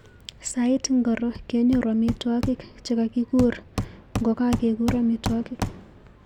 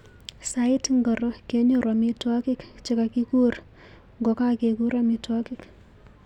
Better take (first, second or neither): second